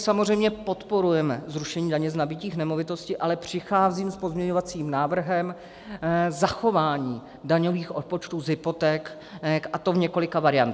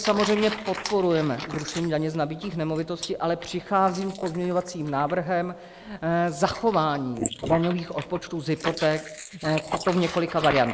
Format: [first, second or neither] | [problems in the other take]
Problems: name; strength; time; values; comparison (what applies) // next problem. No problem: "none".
first | noise reduction (neural mask model Resemble Enhance denoiser)